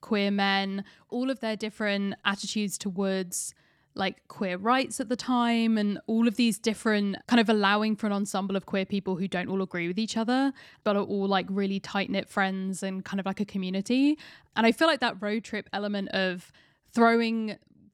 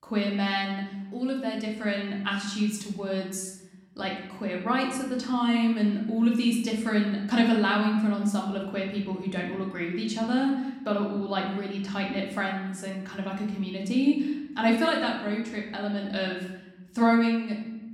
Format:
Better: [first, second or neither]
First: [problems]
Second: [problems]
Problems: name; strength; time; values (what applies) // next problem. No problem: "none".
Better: first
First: none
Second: room echo; noticeable; dies away in 0.9 s // off-mic speech; somewhat distant